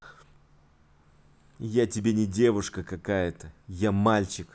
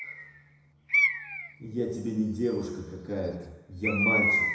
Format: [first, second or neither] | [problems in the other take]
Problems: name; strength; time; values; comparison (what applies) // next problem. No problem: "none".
first | background sound (Bird); 2 dB above the speech // room echo; dies away in 1 s